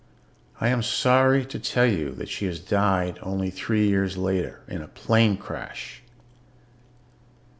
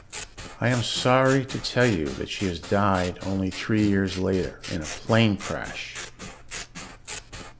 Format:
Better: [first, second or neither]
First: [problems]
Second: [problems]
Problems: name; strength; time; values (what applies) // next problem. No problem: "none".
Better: first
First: none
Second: background sound (Scissors); 14 dB below the speech